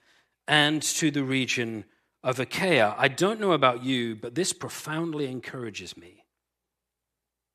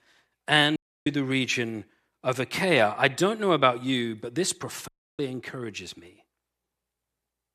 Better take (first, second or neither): first